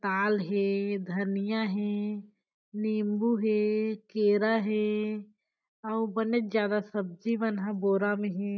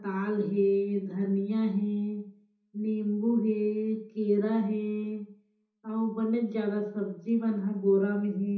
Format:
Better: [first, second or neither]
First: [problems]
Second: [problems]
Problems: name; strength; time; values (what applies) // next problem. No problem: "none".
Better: first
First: none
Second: room echo; dies away in 0.6 s